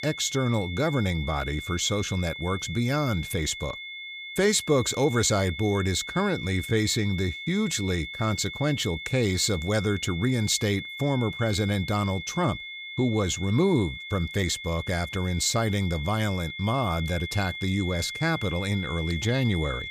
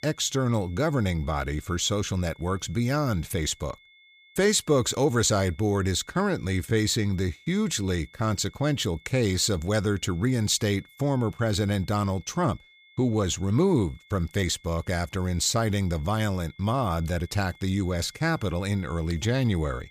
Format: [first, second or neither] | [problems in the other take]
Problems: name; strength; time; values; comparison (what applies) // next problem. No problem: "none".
second | high-pitched whine; loud; throughout; 2 kHz, 9 dB below the speech; faint in the second